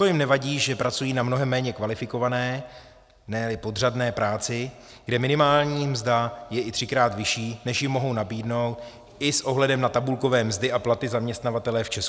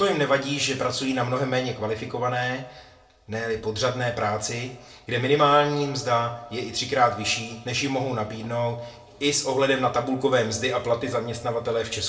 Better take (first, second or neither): first